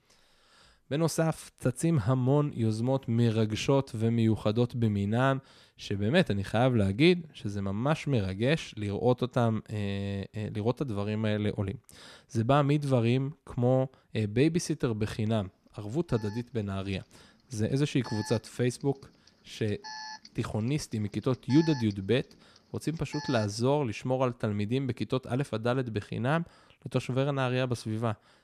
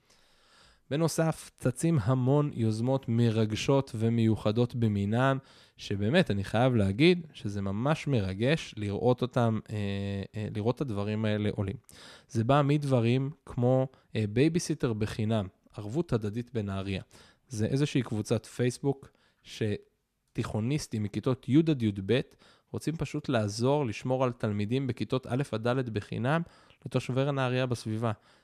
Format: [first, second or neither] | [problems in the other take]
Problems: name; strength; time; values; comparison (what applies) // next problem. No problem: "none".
second | alarm; faint; from 15 to 24 s; peak 10 dB below the speech